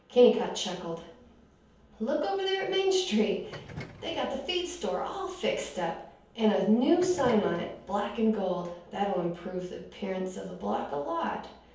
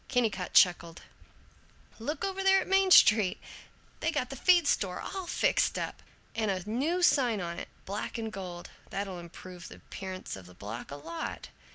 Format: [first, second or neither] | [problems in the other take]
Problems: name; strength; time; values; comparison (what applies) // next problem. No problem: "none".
second | background sound (Subway, metro, underground); 16 dB below the speech // room echo; dies away in 0.7 s